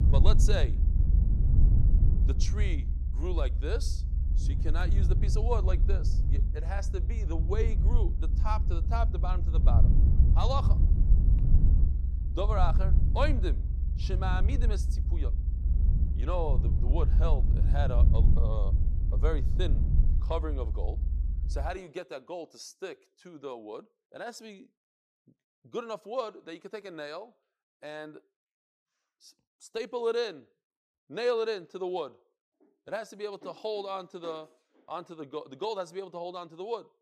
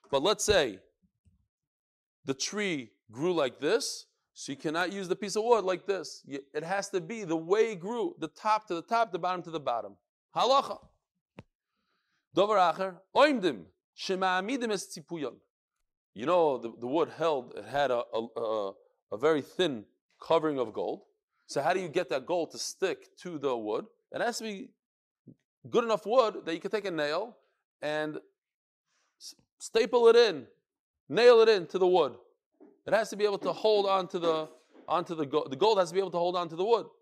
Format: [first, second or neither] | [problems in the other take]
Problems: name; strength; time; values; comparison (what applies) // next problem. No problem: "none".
second | low rumble; loud; until 22 s; 9 dB below the speech